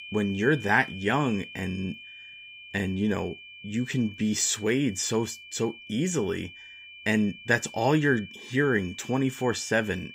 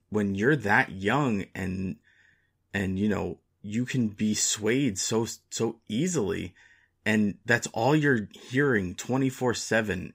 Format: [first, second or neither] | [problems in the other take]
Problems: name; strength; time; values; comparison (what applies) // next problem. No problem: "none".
second | high-pitched whine; noticeable; throughout; 2.5 kHz, 15 dB below the speech